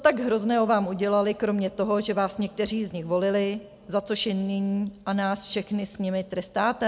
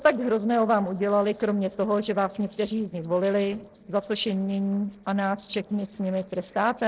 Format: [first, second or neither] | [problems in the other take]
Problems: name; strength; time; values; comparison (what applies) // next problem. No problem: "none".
first | noise reduction (neural separator model SepFormer DNS4)